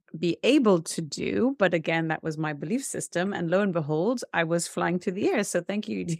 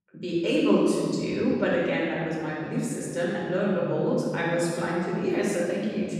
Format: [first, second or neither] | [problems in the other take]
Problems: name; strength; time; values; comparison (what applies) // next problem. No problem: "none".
first | off-mic speech; far // room echo; strong; dies away in 2.7 s